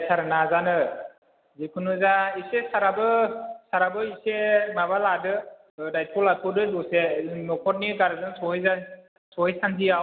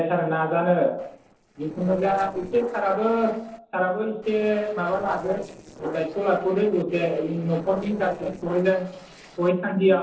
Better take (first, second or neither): first